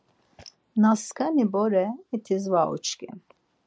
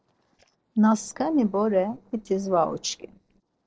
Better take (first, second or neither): first